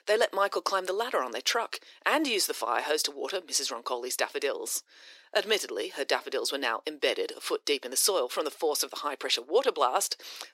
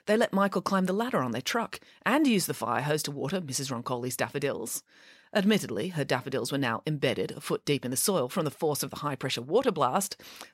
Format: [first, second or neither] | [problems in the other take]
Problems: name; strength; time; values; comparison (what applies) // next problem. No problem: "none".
second | thin; very; fading below 350 Hz